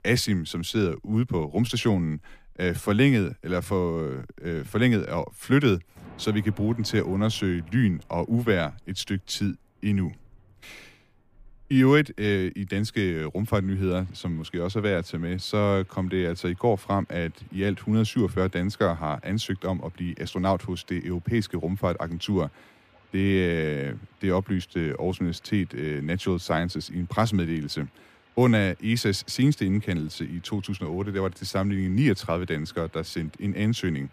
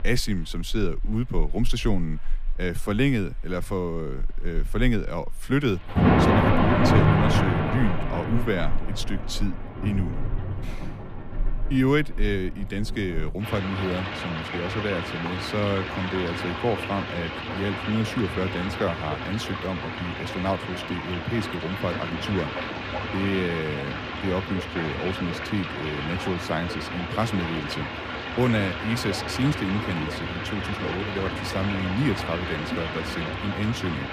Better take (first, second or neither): first